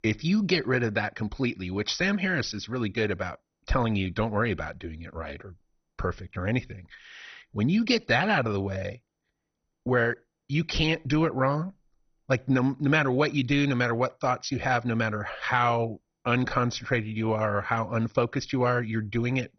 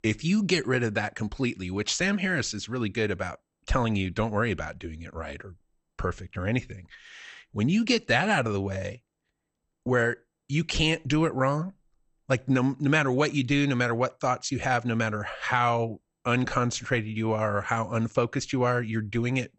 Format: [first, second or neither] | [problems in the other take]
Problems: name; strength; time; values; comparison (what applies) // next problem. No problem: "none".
second | garbled, watery; badly; nothing above 6 kHz; slightly in the second